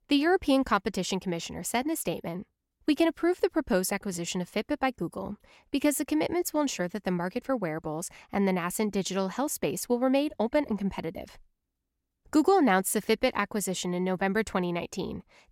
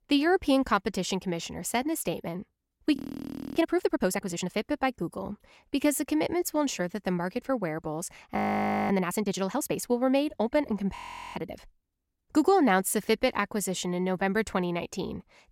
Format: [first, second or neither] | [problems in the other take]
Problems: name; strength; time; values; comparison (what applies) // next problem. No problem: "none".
first | audio freezing; at 3 s for 0.5 s, at 8.5 s for 0.5 s and at 11 s